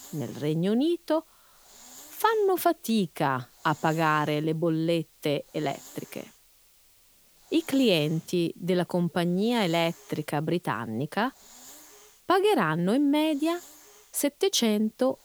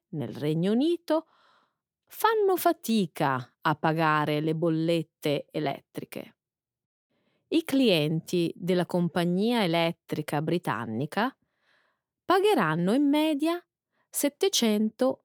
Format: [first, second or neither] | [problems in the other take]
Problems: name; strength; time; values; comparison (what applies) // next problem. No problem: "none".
second | hiss; faint; throughout; 25 dB below the speech